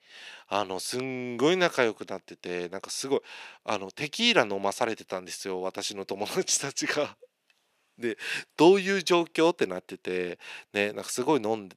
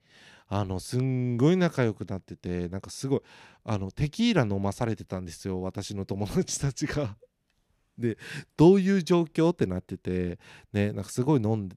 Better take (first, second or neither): second